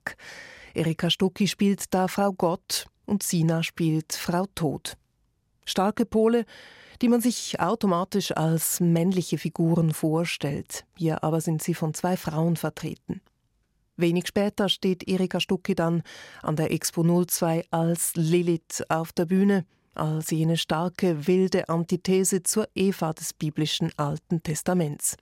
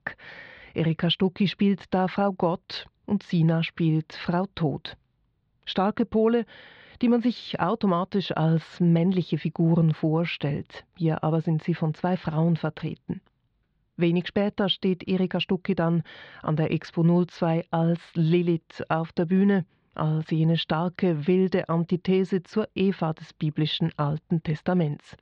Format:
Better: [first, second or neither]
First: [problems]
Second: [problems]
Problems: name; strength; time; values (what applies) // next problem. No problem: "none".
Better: first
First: none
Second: muffled; slightly; fading above 4 kHz